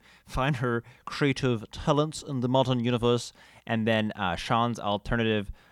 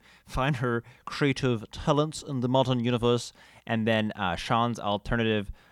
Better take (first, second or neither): neither